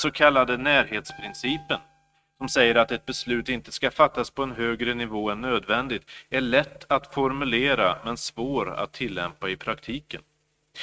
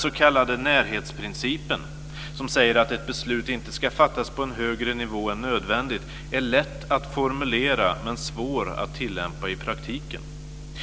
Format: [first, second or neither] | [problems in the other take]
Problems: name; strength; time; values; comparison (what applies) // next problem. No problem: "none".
second | noise reduction (neural mask model RNNoise)